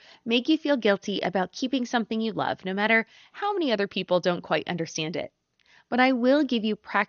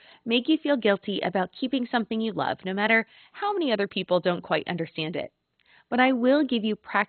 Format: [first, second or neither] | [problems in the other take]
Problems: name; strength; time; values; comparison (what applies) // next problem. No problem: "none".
first | garbled, watery; badly; nothing above 4 kHz; slightly in the first